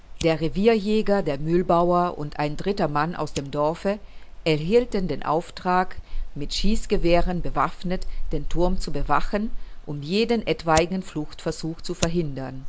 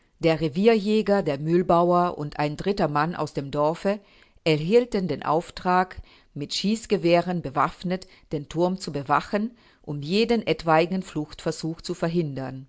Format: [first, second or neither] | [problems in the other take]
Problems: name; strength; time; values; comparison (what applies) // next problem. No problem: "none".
second | background sound (Fire); 3 dB below the speech